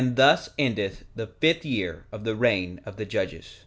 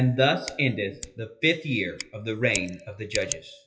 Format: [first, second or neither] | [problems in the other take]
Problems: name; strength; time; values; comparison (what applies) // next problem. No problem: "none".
first | noise reduction (classical method WPE with log-MMSE)